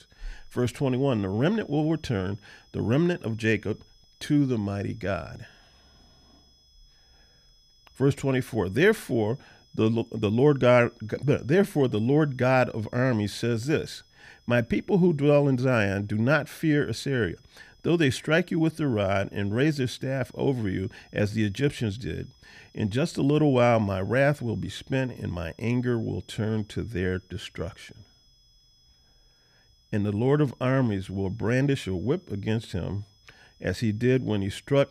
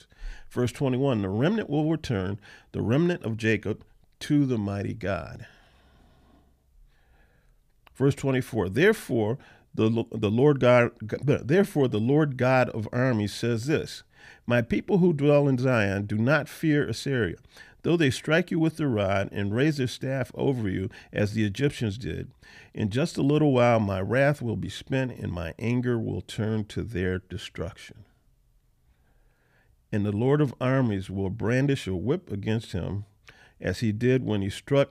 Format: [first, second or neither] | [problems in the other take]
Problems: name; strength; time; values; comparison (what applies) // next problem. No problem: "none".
second | high-pitched whine; faint; throughout; 5 kHz, 35 dB below the speech